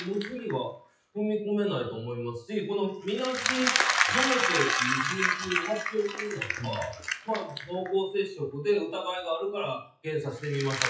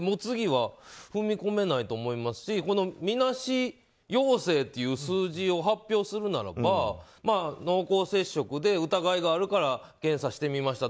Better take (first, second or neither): second